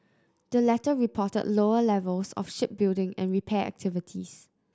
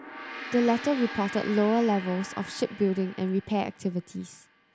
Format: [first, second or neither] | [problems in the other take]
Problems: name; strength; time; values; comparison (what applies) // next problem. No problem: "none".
first | background sound (Gong); 13 dB below the speech